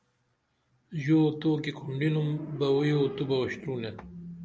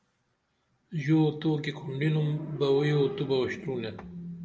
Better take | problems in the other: first | room echo; dies away in 0.7 s

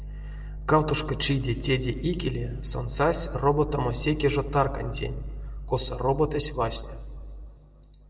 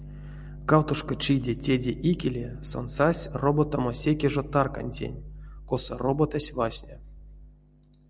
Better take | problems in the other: second | room echo; dies away in 1.3 s

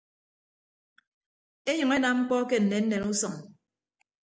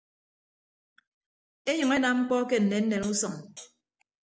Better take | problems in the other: first | background sound (Hi-hat); 19 dB below the speech

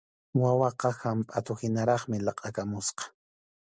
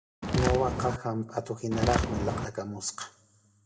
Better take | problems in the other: first | background sound (Walk, footsteps); 3 dB above the speech // room echo; dies away in 0.5 s

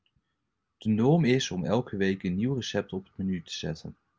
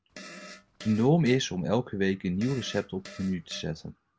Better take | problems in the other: first | background sound (Fart); 19 dB below the speech

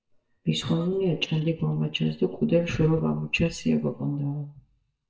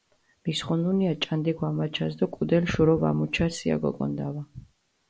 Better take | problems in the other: second | noise reduction (neural mask model DeepFilterNet 3)

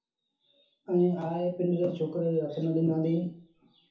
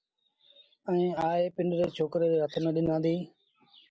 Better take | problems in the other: second | room echo; dies away in 0.7 s

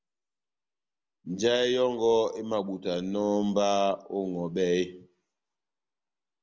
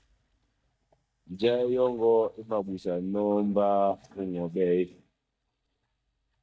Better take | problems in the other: first | noise reduction (neural mask model DeepFilterNet 3)

